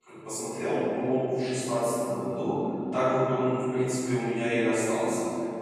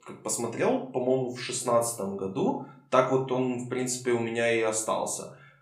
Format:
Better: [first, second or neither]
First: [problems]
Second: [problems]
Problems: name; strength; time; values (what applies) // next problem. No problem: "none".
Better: second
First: room echo; strong; dies away in 3 s // off-mic speech; far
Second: room echo; slight; dies away in 0.4 s // off-mic speech; somewhat distant